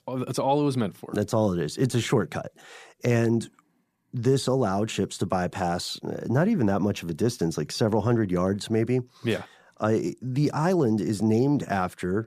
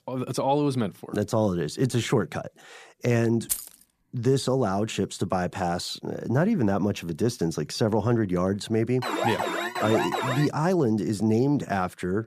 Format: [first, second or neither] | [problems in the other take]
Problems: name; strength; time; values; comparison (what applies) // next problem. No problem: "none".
first | jangling keys; noticeable; at 3.5 s; peak 4 dB below the speech // alarm; noticeable; from 9 to 10 s; peak 1 dB below the speech